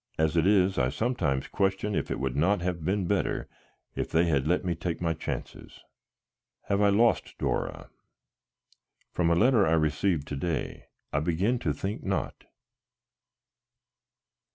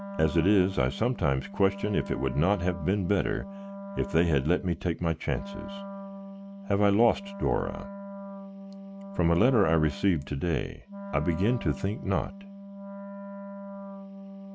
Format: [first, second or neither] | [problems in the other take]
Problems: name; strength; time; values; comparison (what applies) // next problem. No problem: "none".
first | background sound (Wind instrument, woodwind instrument); 12 dB below the speech